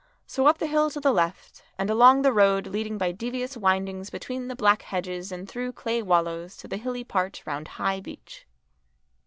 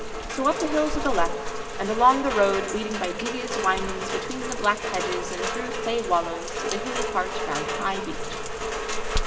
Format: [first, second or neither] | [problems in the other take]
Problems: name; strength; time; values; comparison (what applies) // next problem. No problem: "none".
first | background sound (Rain); 2 dB below the speech // room echo; dies away in 1.9 s